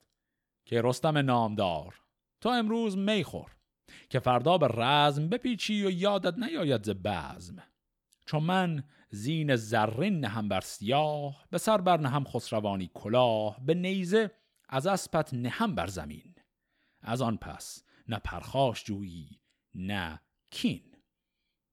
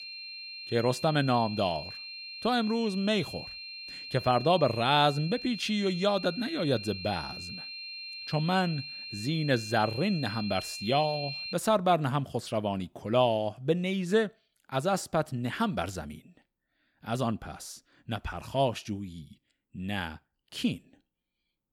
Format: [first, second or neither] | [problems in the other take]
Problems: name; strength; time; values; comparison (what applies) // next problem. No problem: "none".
first | high-pitched whine; loud; until 12 s; 4 kHz, 9 dB below the speech